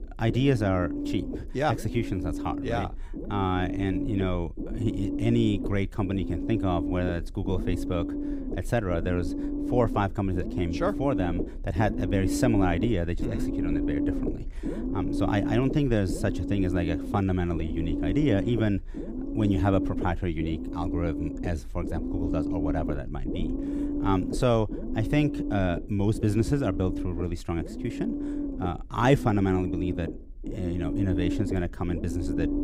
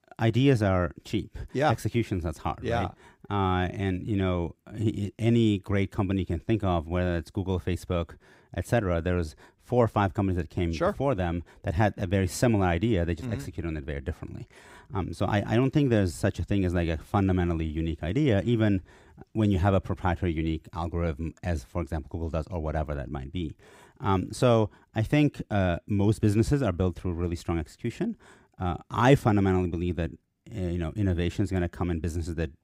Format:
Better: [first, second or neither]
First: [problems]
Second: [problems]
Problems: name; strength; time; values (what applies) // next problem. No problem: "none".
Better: second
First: low rumble; loud; throughout; 5 dB below the speech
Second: none